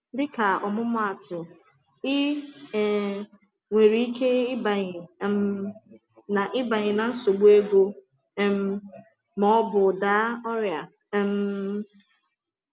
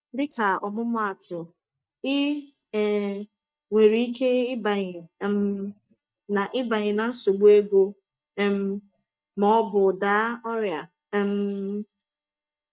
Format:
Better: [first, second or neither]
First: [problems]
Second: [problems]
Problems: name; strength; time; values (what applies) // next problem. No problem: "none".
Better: first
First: none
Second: noise reduction (neural mask model DeepFilterNet 3)